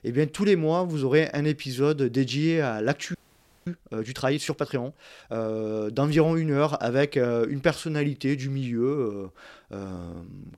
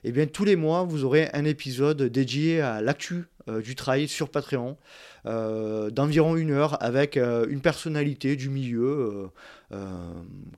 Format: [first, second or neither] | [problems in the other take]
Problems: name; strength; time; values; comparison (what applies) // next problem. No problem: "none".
second | audio freezing; at 3 s for 0.5 s